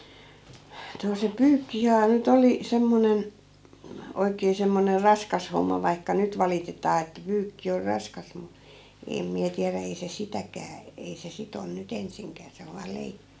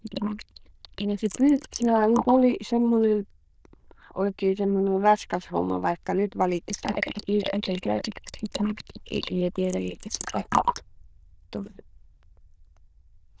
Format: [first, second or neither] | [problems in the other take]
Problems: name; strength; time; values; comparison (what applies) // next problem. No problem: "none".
first | noise reduction (neural diffusion model UNIVERSE++)